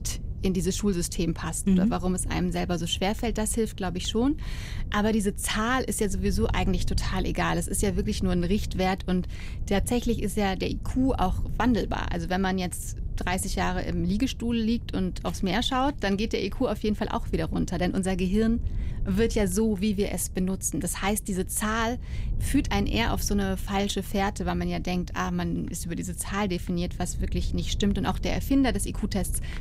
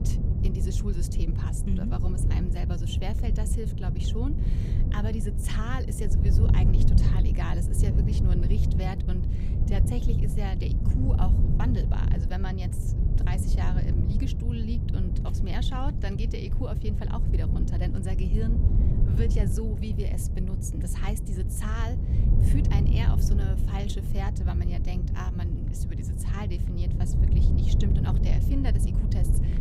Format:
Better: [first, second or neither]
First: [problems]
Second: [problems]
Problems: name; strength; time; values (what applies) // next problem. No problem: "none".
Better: first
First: wind noise on the microphone; occasional gusts; 20 dB below the speech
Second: wind noise on the microphone; heavy; 1 dB below the speech